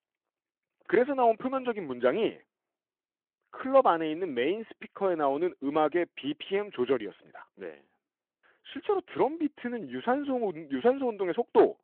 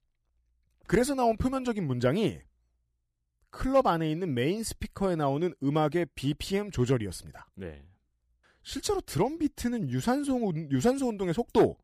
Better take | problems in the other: second | phone-call audio

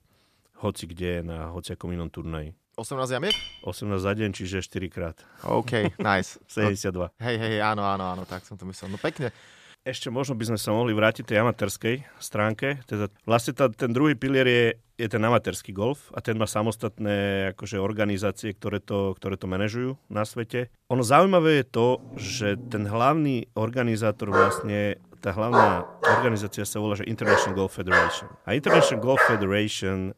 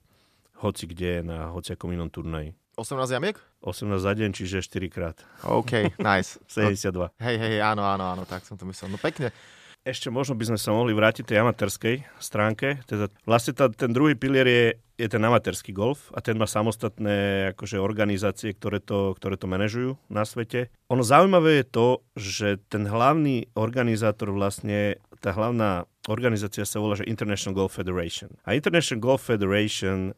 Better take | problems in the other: second | clattering dishes; noticeable; at 3.5 s; peak 1 dB below the speech // dog barking; loud; from 24 to 29 s; peak 6 dB above the speech

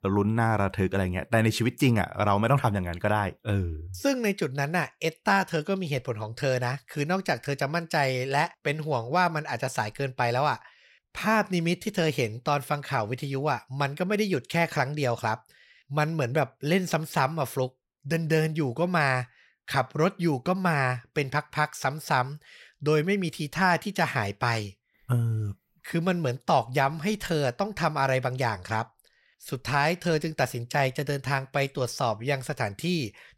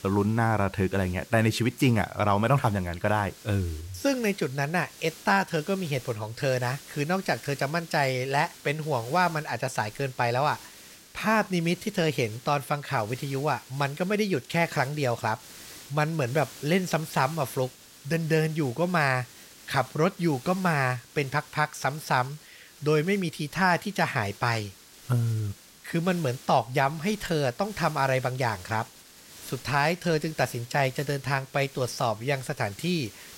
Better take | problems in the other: first | hiss; noticeable; throughout; 20 dB below the speech

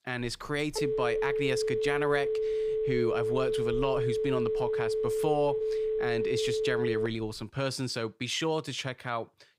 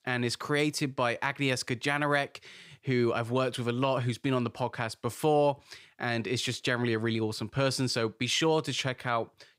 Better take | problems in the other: second | phone ringing; loud; until 7.5 s; peak 3 dB above the speech

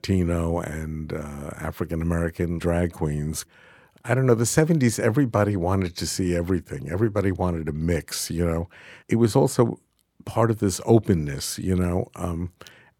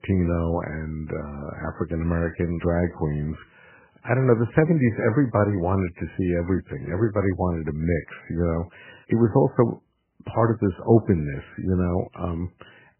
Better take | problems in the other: first | garbled, watery; badly; nothing above 2.5 kHz

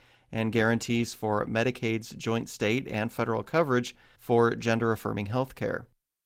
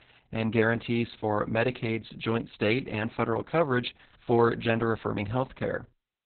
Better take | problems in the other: first | garbled, watery; badly; nothing above 4 kHz; slightly in the first

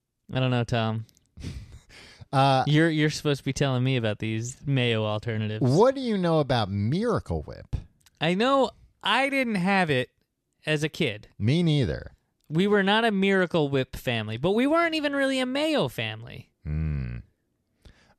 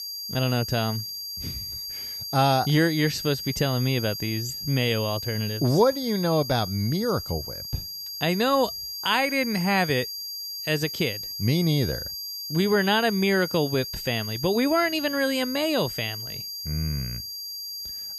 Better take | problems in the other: first | high-pitched whine; loud; throughout; 5 kHz, 7 dB below the speech

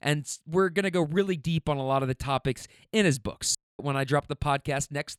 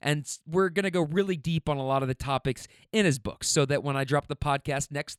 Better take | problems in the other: second | audio cutting out; at 3.5 s

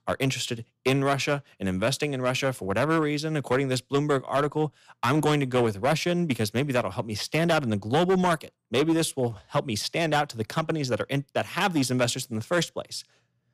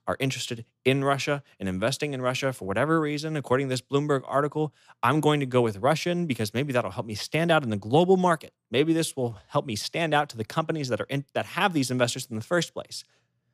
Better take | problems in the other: second | distortion; slight; 6% of the sound clipped

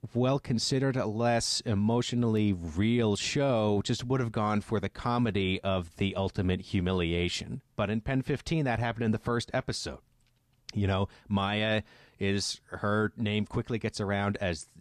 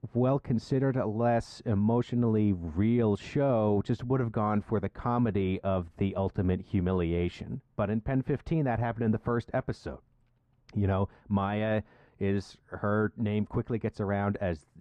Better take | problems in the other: first | muffled; very; fading above 2.5 kHz

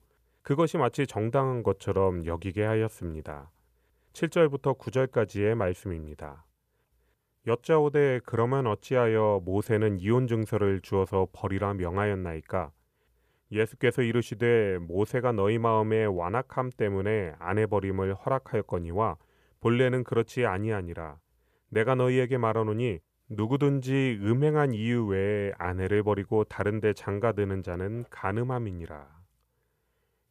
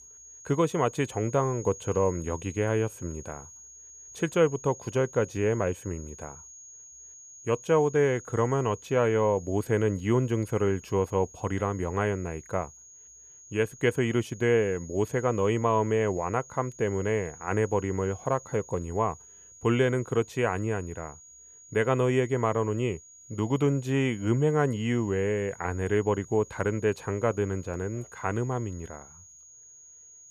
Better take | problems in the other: first | high-pitched whine; noticeable; throughout; 6.5 kHz, 20 dB below the speech

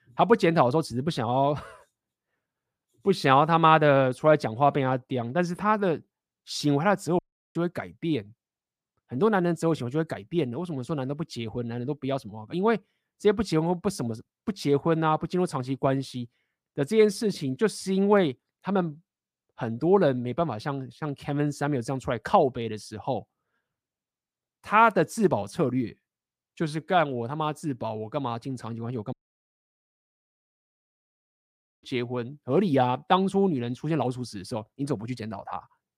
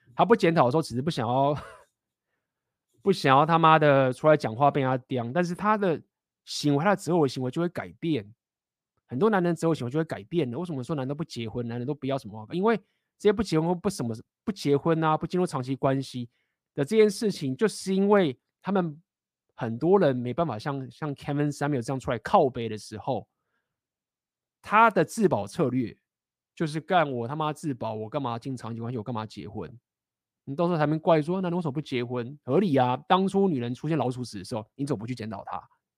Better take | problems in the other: second | audio cutting out; at 7 s and at 29 s for 2.5 s

